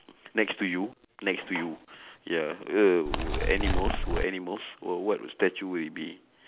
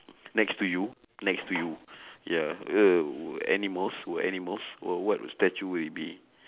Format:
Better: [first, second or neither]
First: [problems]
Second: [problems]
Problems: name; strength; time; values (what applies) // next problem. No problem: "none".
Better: second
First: background sound (Animal); 3 dB above the speech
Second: none